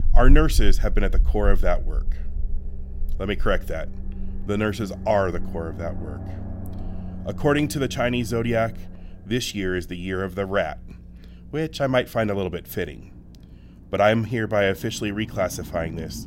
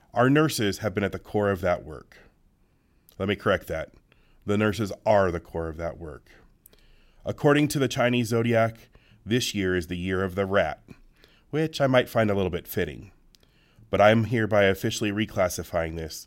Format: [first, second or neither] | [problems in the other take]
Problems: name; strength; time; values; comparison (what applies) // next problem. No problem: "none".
second | low rumble; faint; throughout; 20 dB below the speech